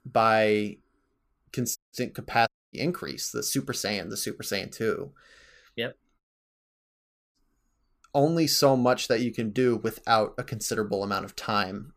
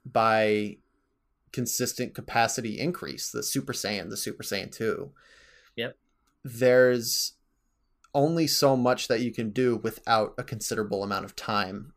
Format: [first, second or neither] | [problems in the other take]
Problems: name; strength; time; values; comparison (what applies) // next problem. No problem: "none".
second | audio cutting out; at 2 s, at 2.5 s and at 6 s for 1 s